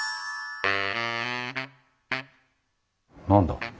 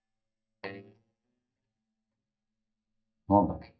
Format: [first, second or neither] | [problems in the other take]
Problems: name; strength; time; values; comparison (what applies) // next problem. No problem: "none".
first | noise reduction (neural mask model DeepFilterNet 3)